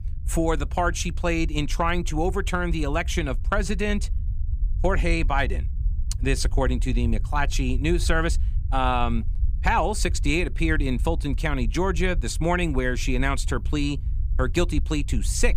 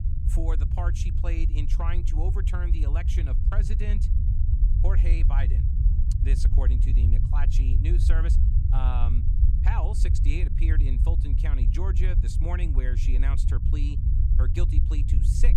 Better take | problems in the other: first | low rumble; loud; throughout; 3 dB below the speech; faint in the first

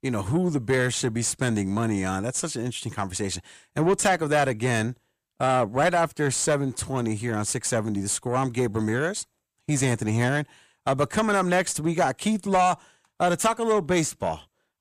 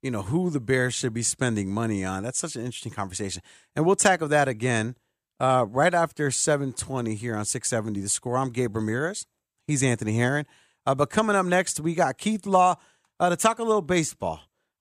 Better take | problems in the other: second | distortion; slight; 10 dB below the speech

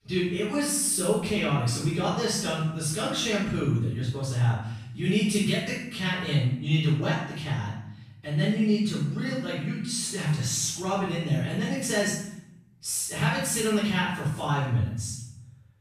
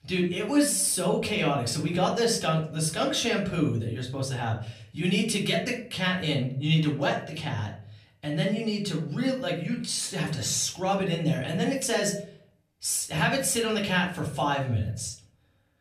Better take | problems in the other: second | room echo; strong; dies away in 0.8 s; slight in the second // off-mic speech; far; somewhat distant in the second

